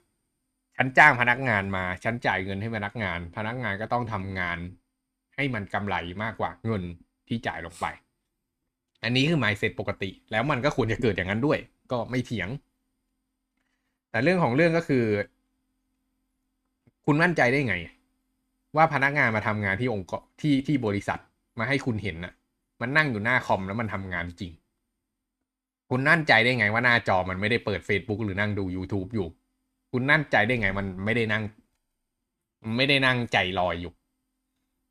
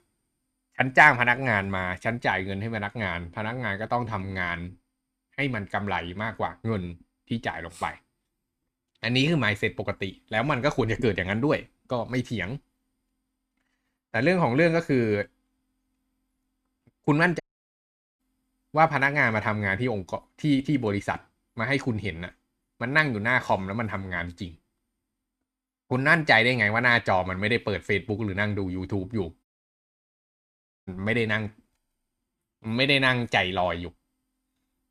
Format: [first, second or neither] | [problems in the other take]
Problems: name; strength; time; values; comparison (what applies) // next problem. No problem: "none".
first | audio cutting out; at 17 s for 1 s and at 29 s for 1.5 s